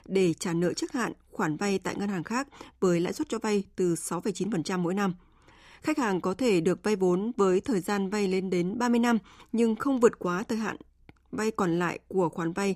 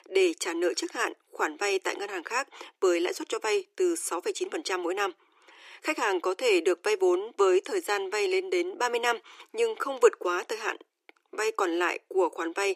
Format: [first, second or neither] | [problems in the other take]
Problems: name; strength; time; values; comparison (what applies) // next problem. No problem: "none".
first | thin; very; fading below 350 Hz